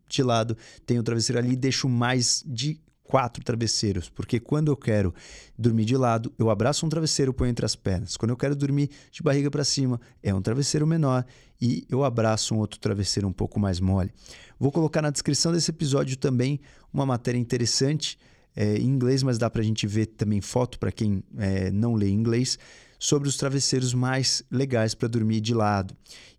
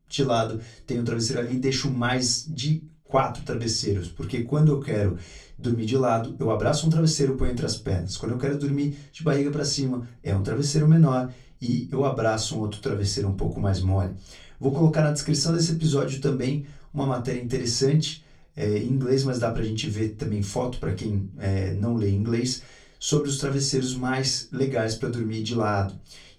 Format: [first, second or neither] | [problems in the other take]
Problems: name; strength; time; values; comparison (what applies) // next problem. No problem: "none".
first | off-mic speech; far // room echo; very slight; dies away in 0.2 s